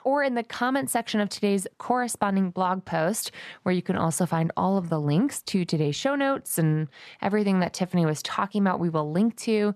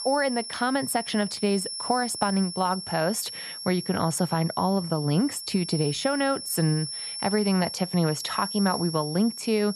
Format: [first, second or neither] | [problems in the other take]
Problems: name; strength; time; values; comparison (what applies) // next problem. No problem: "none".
first | high-pitched whine; loud; throughout; 5.5 kHz, 7 dB below the speech